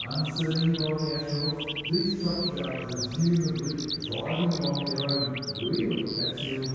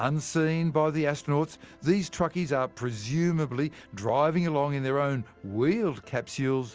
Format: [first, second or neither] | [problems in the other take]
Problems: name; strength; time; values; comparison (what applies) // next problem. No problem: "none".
second | background sound (Bird vocalization, bird call, bird song); 7 dB below the speech // room echo; dies away in 2 s